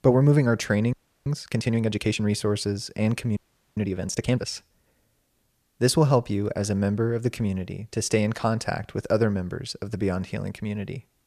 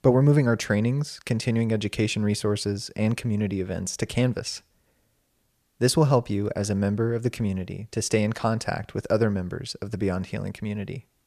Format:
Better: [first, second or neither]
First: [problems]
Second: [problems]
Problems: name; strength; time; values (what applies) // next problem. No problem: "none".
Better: second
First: audio freezing; at 1 s and at 3.5 s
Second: none